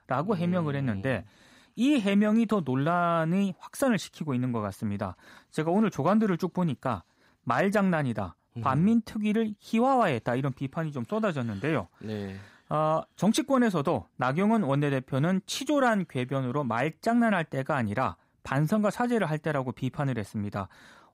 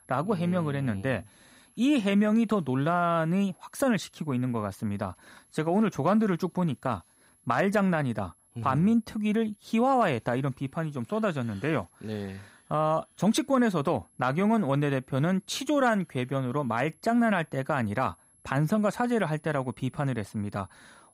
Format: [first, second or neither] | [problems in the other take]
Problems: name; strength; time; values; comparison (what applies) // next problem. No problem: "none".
first | high-pitched whine; faint; throughout; 11 kHz, 35 dB below the speech